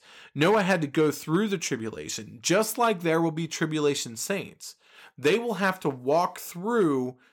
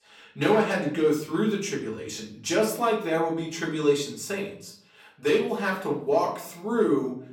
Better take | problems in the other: first | off-mic speech; far // room echo; slight; dies away in 0.5 s

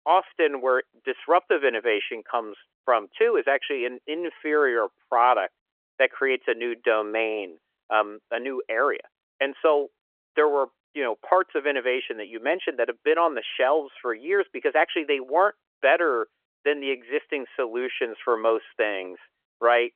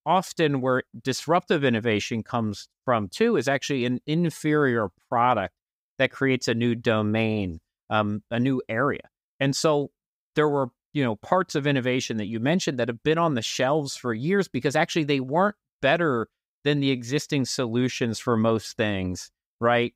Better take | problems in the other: second | phone-call audio; nothing above 3.5 kHz

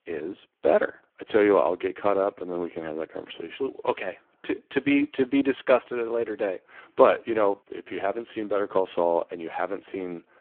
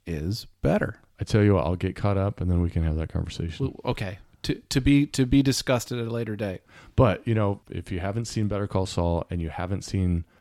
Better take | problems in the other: second | phone-call audio; poor line

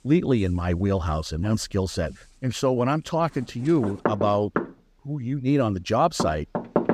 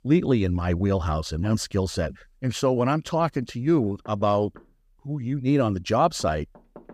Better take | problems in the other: second | household noises; loud; throughout; 5 dB below the speech; faint in the second

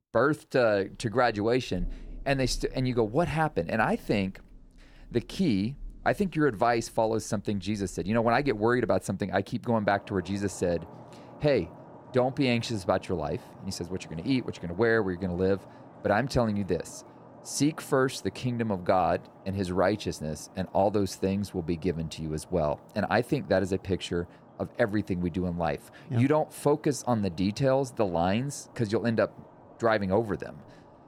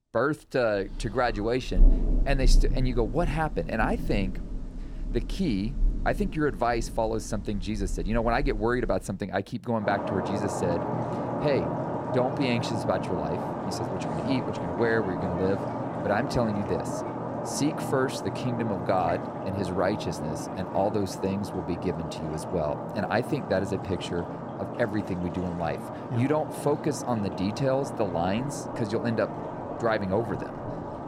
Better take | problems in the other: first | rain or running water; loud; throughout; 4 dB below the speech; faint in the first

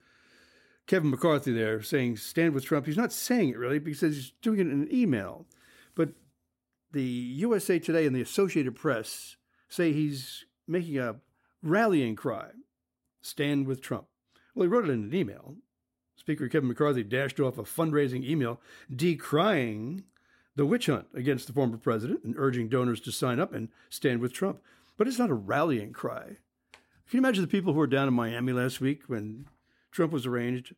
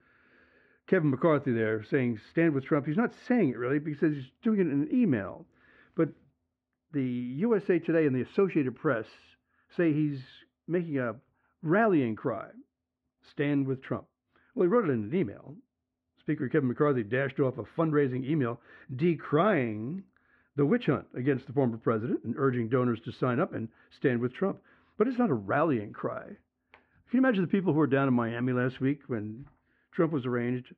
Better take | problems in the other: first | muffled; very; fading above 2.5 kHz

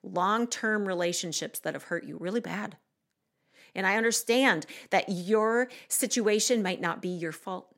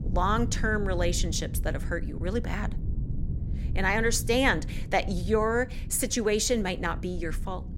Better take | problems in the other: first | low rumble; noticeable; throughout; 20 dB below the speech

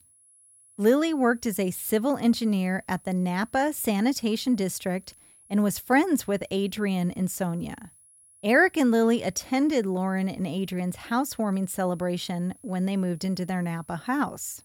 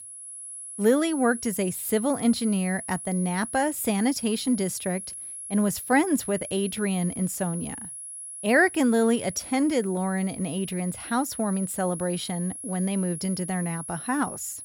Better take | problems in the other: first | high-pitched whine; loud; throughout; 10.5 kHz, 9 dB below the speech; faint in the first

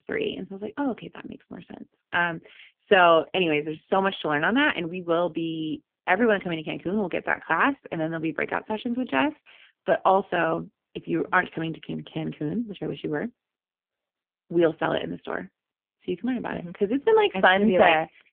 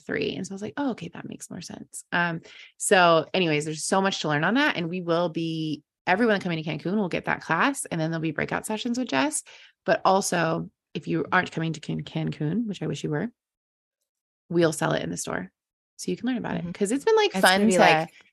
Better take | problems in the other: second | phone-call audio; poor line; nothing above 3 kHz

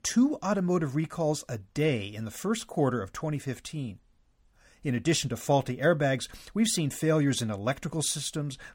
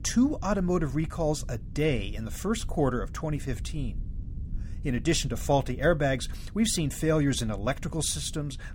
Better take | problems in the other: first | low rumble; faint; throughout; 25 dB below the speech

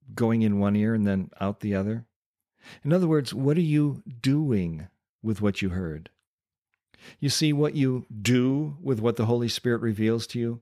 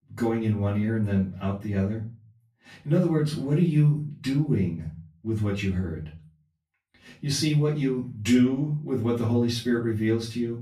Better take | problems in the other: first | off-mic speech; far // room echo; slight; dies away in 0.3 s

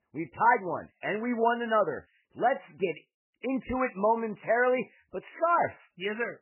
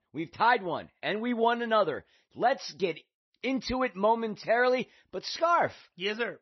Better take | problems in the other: second | garbled, watery; badly; nothing above 3 kHz; slightly in the second

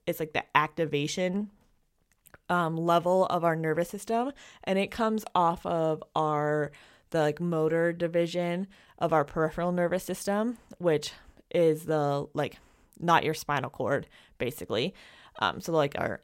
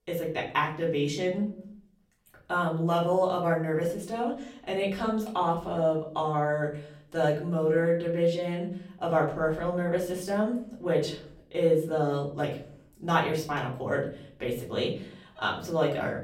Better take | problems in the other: first | room echo; slight; dies away in 0.5 s // off-mic speech; far

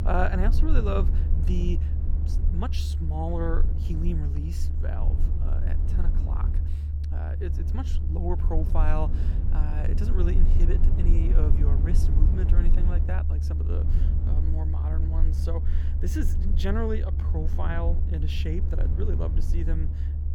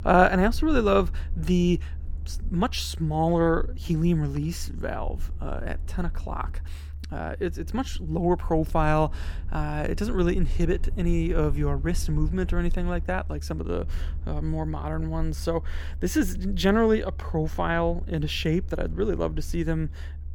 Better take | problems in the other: second | low rumble; loud; throughout; 6 dB below the speech; faint in the second

